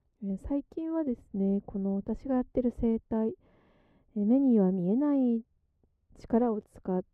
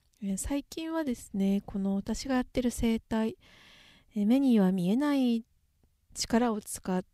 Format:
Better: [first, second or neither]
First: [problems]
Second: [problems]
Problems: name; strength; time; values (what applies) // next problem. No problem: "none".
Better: second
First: muffled; very; fading above 2 kHz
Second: none